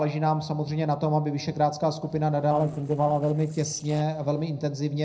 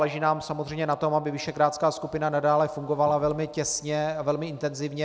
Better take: second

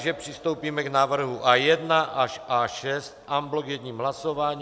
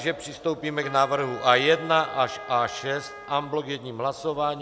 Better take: first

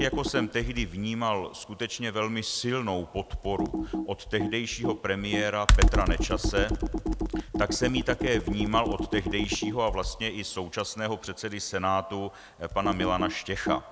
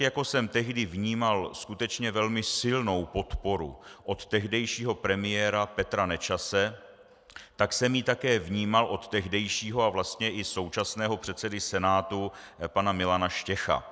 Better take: second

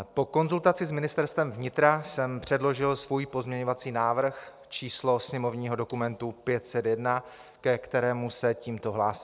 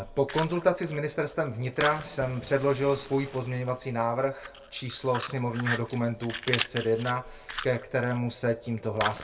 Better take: first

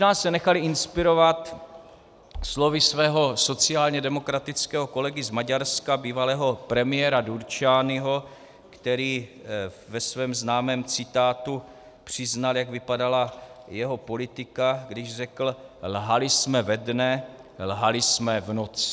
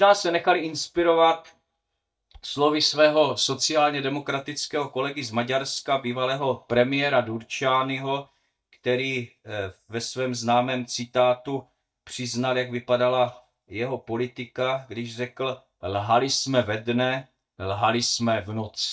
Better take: first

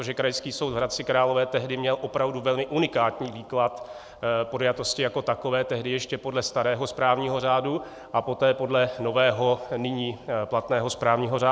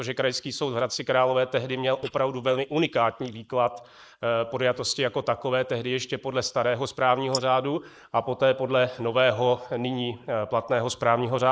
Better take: first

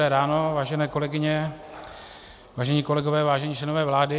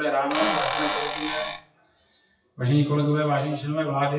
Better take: first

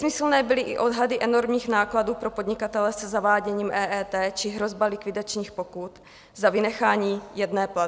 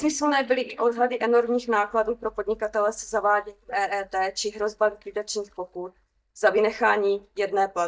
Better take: first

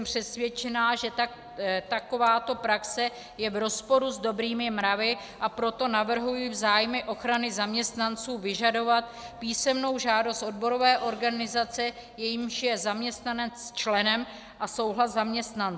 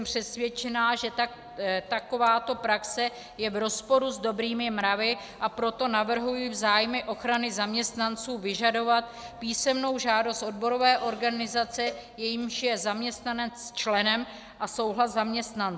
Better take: first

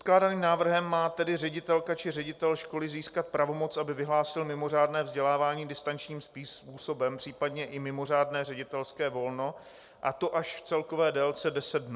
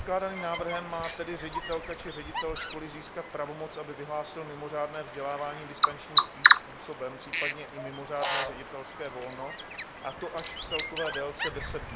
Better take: first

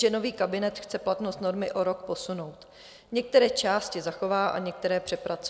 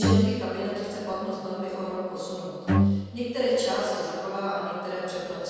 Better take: first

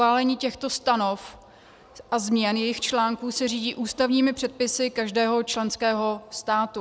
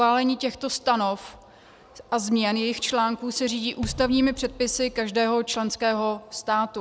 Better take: first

